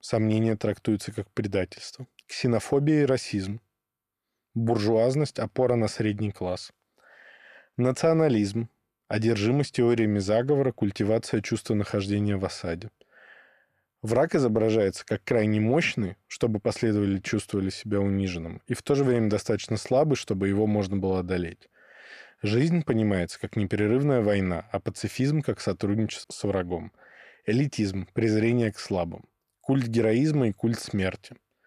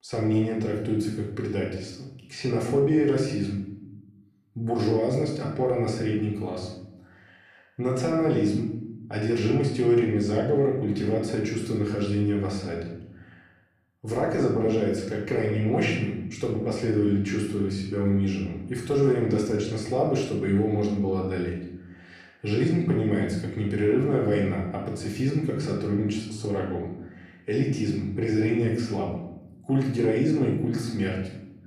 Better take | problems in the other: first | off-mic speech; far // room echo; noticeable; dies away in 0.8 s

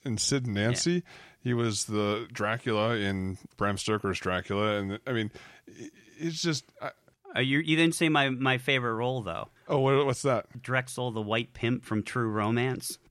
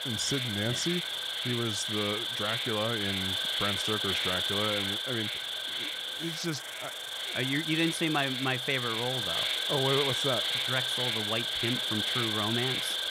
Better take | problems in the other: first | animal sounds; very loud; throughout; 3 dB above the speech

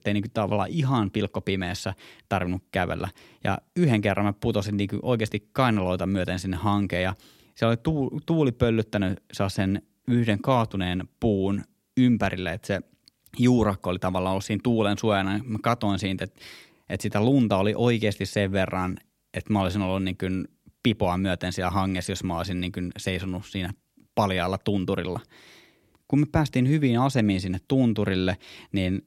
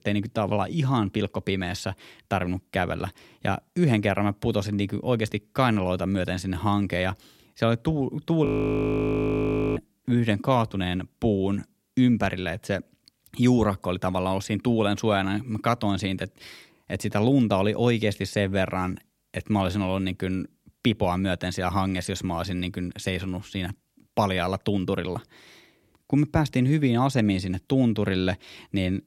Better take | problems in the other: first | audio freezing; at 8.5 s for 1.5 s

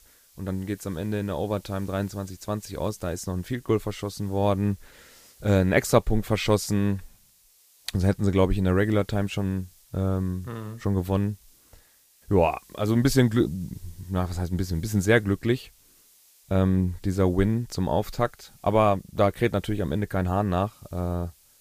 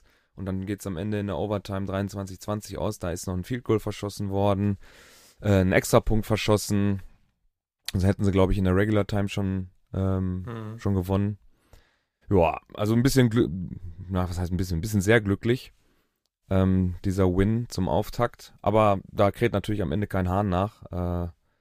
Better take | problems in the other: second | hiss; faint; throughout; 30 dB below the speech

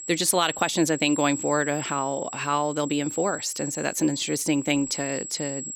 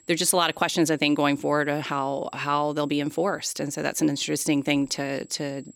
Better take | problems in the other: second | high-pitched whine; loud; throughout; 7.5 kHz, 9 dB below the speech; faint in the second

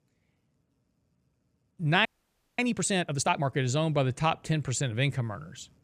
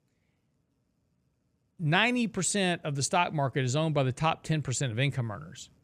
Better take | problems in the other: second | audio freezing; at 2 s for 0.5 s

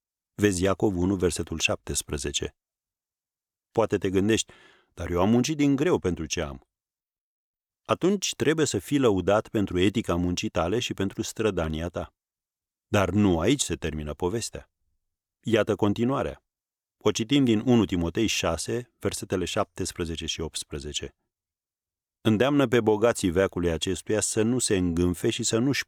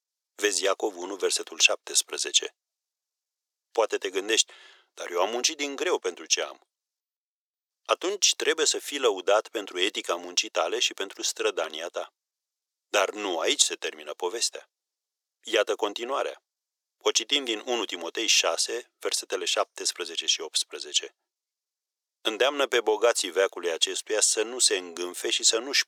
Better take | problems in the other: first | thin; very; fading below 400 Hz

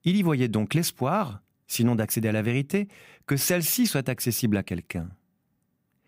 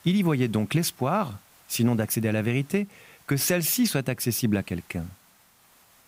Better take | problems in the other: first | hiss; faint; throughout; 30 dB below the speech

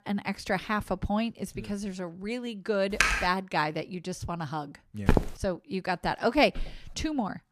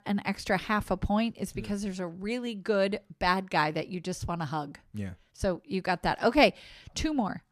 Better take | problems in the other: second | keyboard typing; loud; at 3 s; peak 5 dB above the speech // footsteps; loud; at 5 s; peak 3 dB above the speech // footsteps; faint; at 6.5 s; peak 15 dB below the speech

